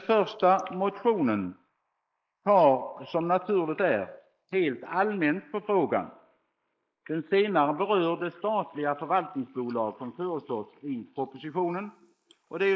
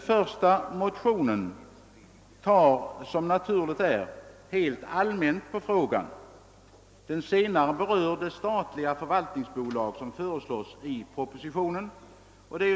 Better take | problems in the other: second | noise reduction (neural mask model Resemble Enhance denoiser)

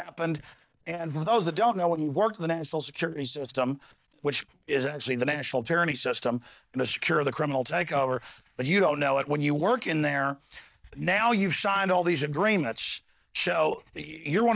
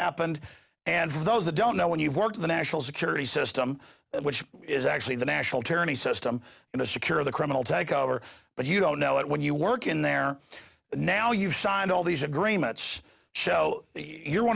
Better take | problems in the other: second | noise reduction (neural mask model DeepFilterNet 3)

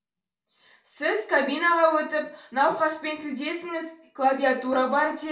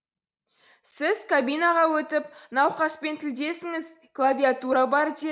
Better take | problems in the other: second | room echo; dies away in 0.3 s

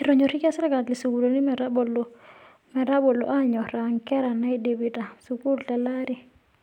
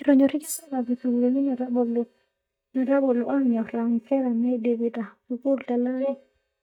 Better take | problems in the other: first | noise reduction (neural mask model DeepFilterNet 3)

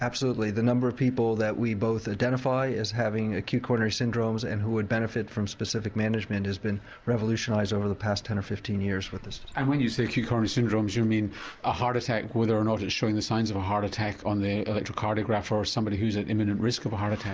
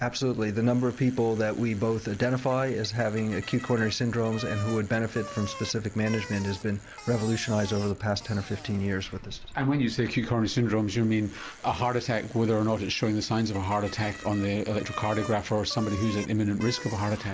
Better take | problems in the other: first | background sound (Bicycle); 17 dB below the speech

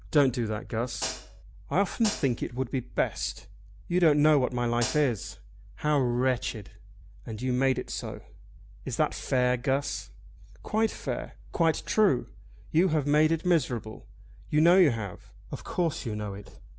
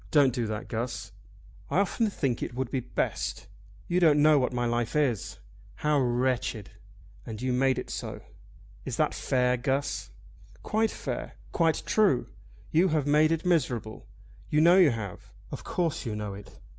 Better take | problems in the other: second | background sound (Hi-hat); 8 dB below the speech

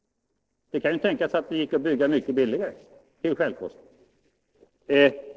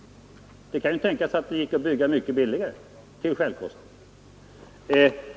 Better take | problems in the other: second | noise reduction (neural separator model SepFormer DNS4)

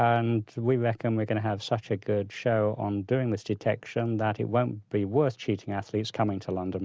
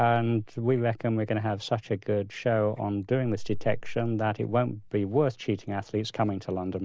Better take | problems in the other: first | noise reduction (neural mask model DeepFilterNet 3)

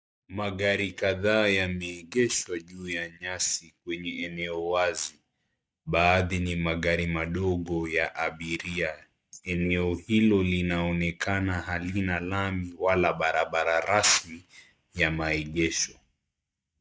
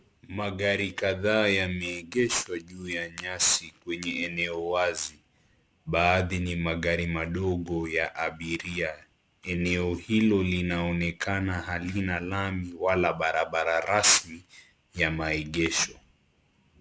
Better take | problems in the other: second | noise reduction (neural mask model DeepFilterNet 3)

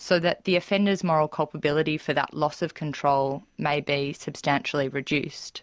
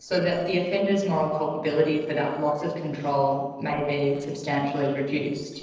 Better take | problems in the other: first | noise reduction (neural separator model SepFormer DNS4)

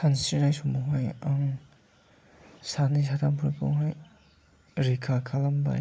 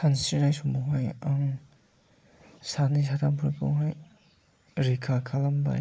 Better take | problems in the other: first | noise reduction (neural mask model Resemble Enhance denoiser)

